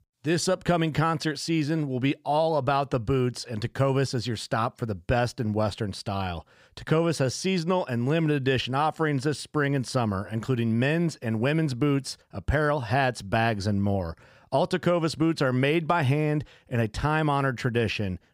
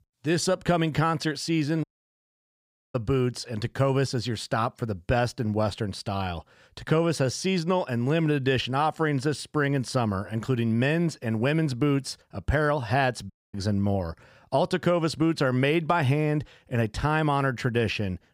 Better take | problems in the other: first | audio cutting out; at 2 s for 1 s and at 13 s

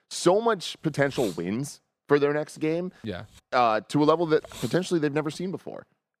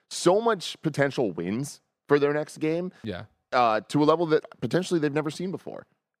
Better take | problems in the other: second | hiss; noticeable; at 1 s, at 2.5 s and from 4 to 5.5 s; 20 dB below the speech

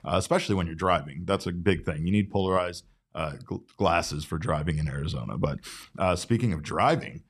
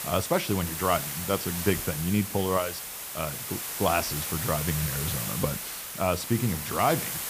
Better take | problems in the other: first | hiss; loud; throughout; 3 dB below the speech

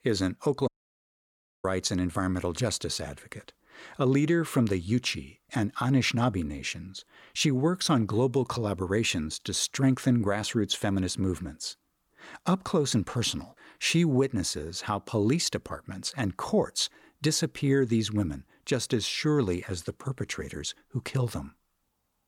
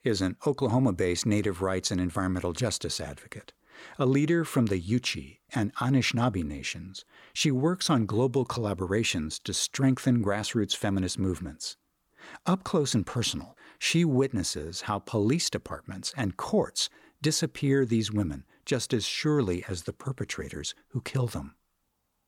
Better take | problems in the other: second | audio cutting out; at 0.5 s for 1 s

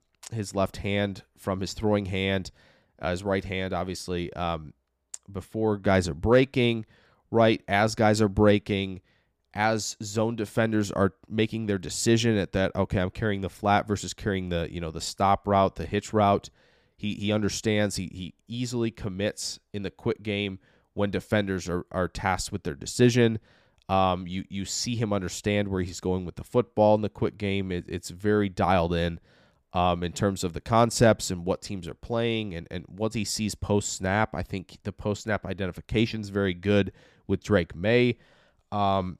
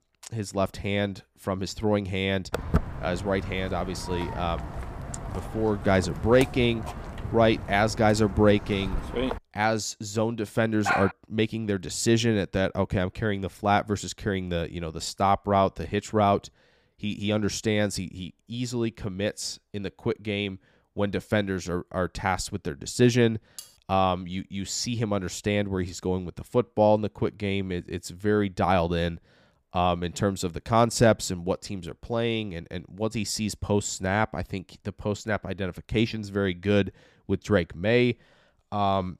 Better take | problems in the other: first | footsteps; noticeable; from 2.5 to 9.5 s; peak 1 dB below the speech // dog barking; noticeable; at 11 s; peak level with the speech // clattering dishes; faint; at 24 s; peak 15 dB below the speech

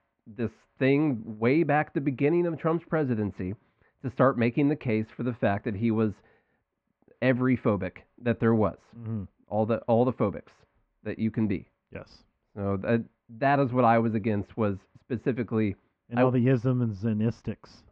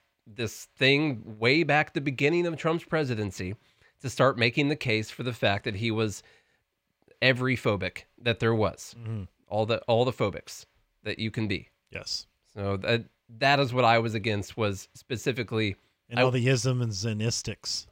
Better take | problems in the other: second | muffled; very; fading above 1.5 kHz

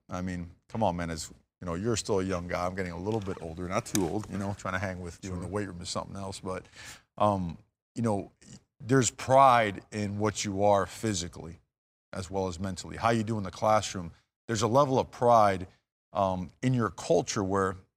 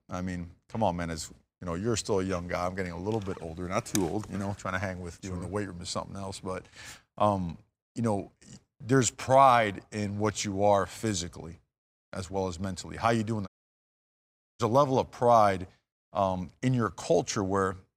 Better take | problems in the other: first | audio cutting out; at 13 s for 1 s

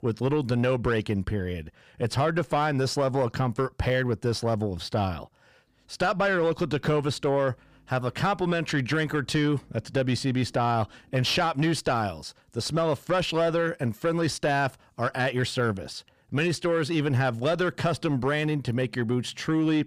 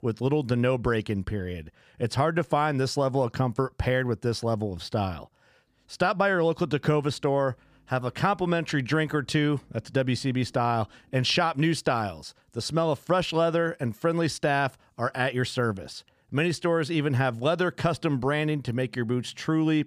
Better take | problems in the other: second | distortion; slight; 10 dB below the speech

